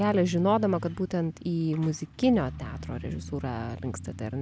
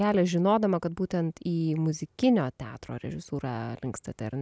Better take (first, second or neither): second